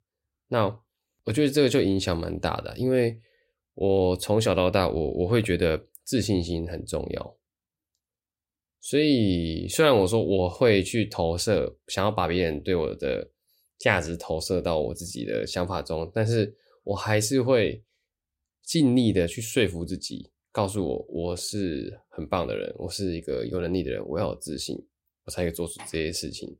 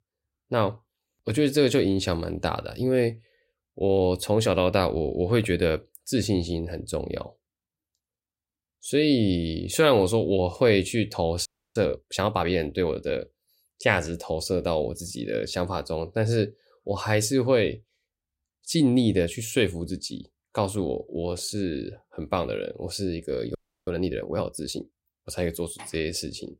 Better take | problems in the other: first | audio freezing; at 11 s and at 24 s

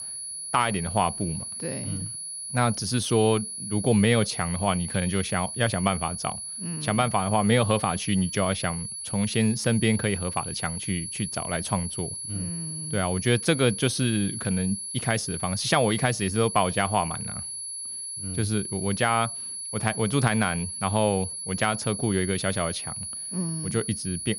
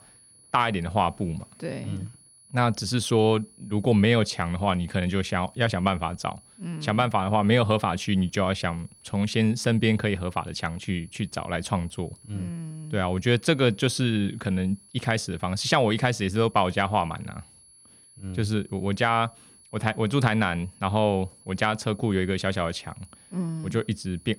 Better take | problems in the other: second | high-pitched whine; loud; throughout; 10.5 kHz, 6 dB below the speech; faint in the second

